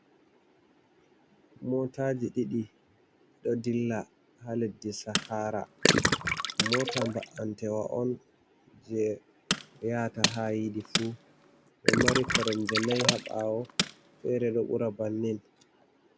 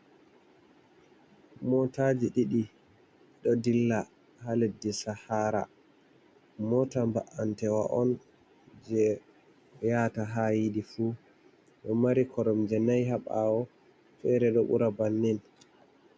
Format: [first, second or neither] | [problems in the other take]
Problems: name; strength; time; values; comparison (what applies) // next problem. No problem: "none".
second | background sound (Gurgling + Tools); 2 dB above the speech